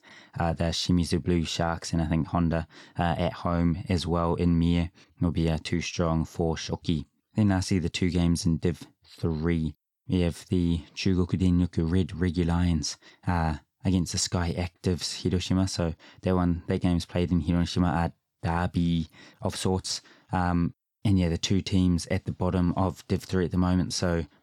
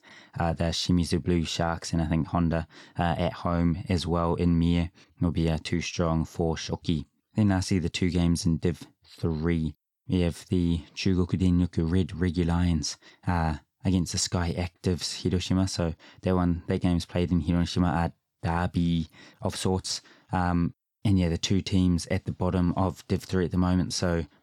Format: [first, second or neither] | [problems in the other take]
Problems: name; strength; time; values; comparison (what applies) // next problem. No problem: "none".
neither | none